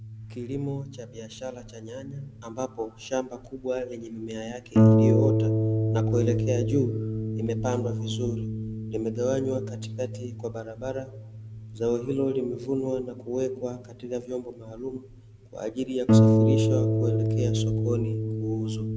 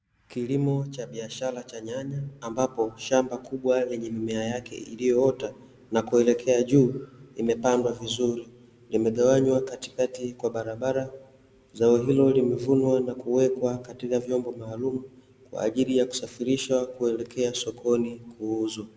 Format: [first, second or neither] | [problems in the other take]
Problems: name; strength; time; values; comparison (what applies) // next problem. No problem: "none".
second | background sound (Harp); 5 dB above the speech